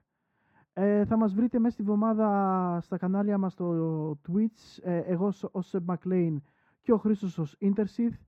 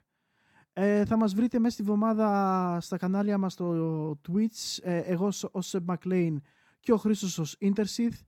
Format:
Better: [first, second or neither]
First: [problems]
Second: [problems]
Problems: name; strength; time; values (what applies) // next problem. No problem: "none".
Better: second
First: muffled; very; fading above 3 kHz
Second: none